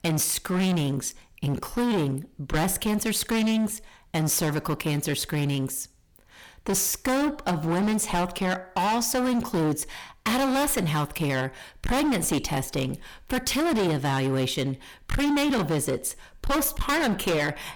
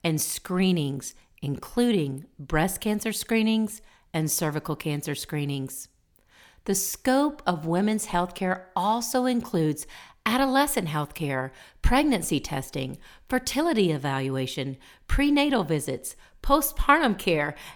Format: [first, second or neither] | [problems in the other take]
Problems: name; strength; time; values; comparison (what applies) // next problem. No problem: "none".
second | distortion; heavy; 23% of the sound clipped